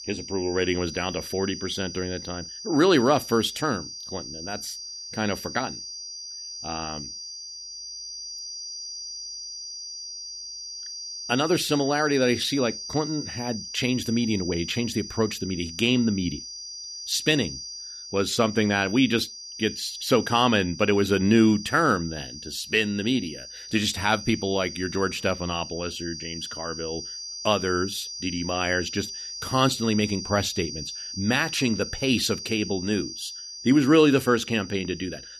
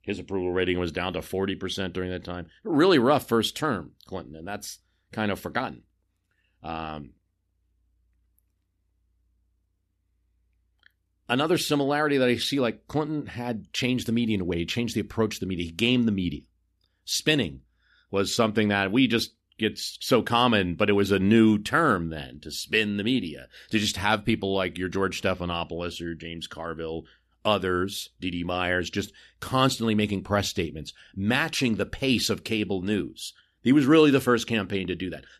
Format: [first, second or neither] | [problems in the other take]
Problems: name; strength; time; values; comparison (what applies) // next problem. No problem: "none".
second | high-pitched whine; loud; throughout; 5 kHz, 10 dB below the speech